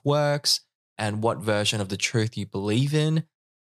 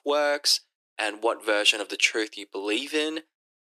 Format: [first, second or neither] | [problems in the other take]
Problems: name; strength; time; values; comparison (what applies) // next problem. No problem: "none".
first | thin; very; fading below 300 Hz